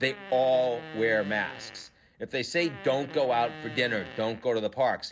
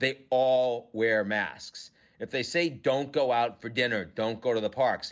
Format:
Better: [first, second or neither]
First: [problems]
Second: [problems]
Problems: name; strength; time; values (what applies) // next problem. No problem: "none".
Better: second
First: background sound (Fart); 16 dB below the speech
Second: none